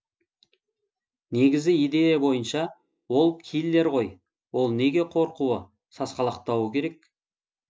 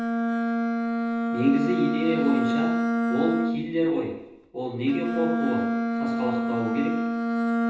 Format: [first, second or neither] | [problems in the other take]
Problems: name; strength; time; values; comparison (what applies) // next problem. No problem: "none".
first | background sound (Bowed string instrument); 2 dB above the speech // room echo; dies away in 0.9 s